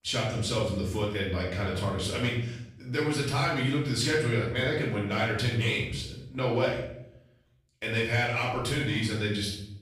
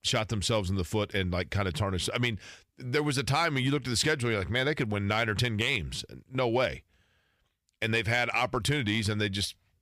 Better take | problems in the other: second | off-mic speech; far // room echo; noticeable; dies away in 0.6 s

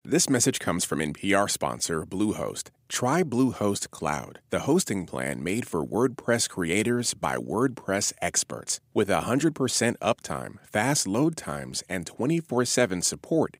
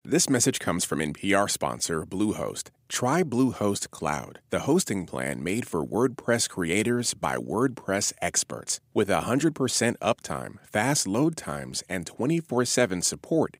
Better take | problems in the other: neither | none

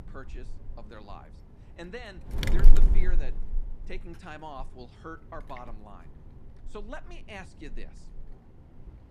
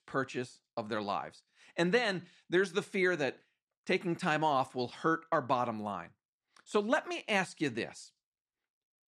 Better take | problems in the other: second | wind noise on the microphone; heavy; 1 dB above the speech

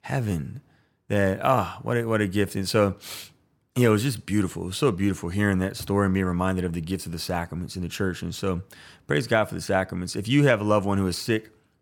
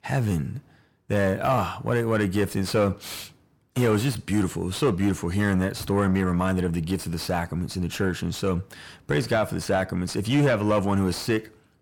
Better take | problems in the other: first | distortion; slight; 10 dB below the speech

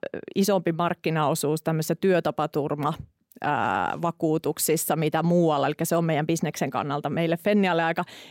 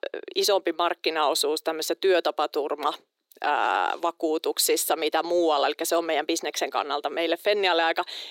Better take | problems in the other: first | thin; very; fading below 350 Hz

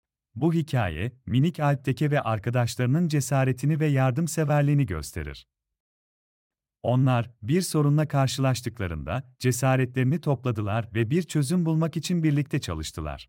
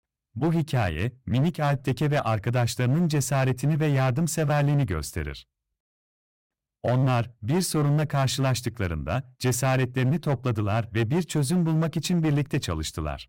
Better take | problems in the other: first | distortion; slight; 16% of the sound clipped

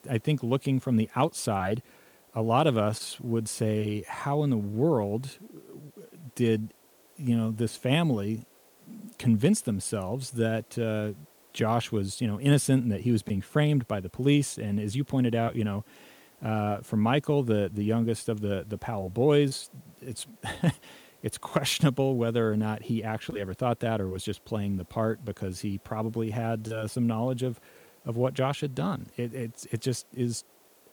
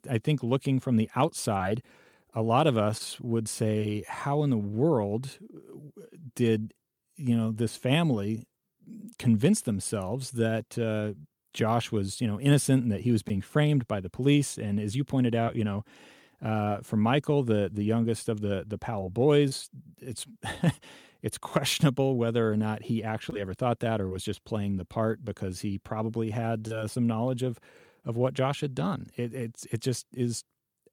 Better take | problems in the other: second | hiss; faint; throughout; 30 dB below the speech

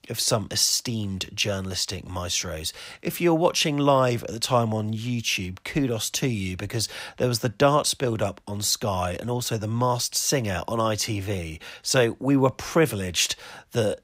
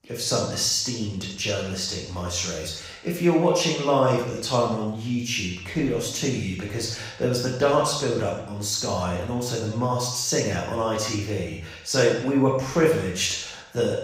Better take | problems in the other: first | room echo; noticeable; dies away in 0.7 s // off-mic speech; far

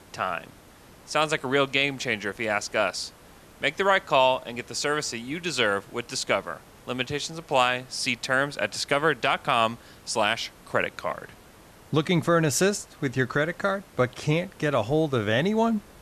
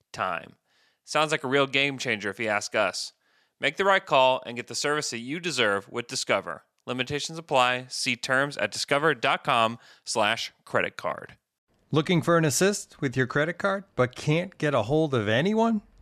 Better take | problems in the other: second | hiss; faint; throughout; 25 dB below the speech

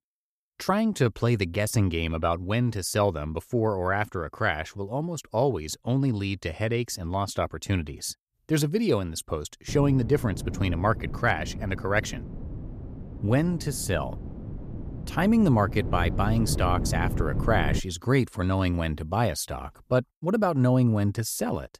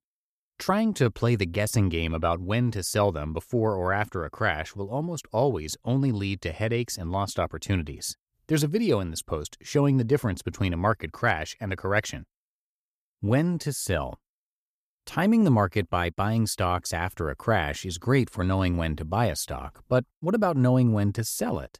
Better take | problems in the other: second | wind noise on the microphone; occasional gusts; from 9.5 to 18 s; 15 dB below the speech

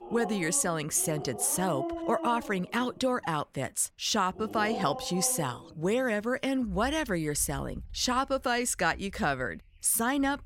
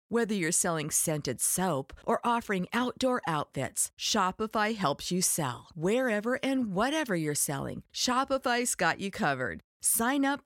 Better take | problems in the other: second | animal sounds; noticeable; throughout; 10 dB below the speech

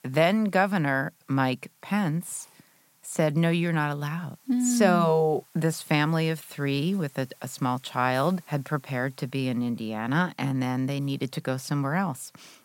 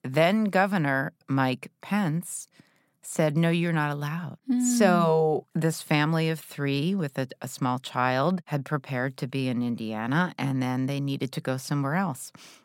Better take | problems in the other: second | hiss; faint; throughout; 30 dB below the speech

